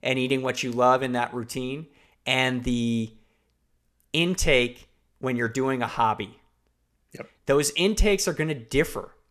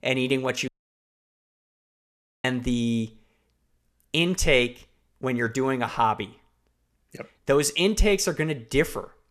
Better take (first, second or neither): first